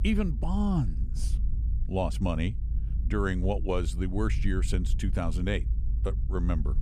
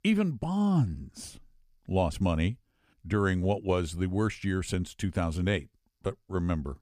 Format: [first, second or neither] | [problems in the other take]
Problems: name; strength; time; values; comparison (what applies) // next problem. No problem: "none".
second | low rumble; noticeable; throughout; 15 dB below the speech